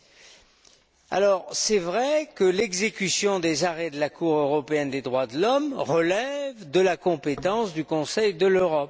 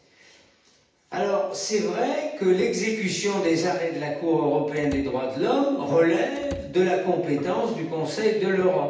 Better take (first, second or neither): first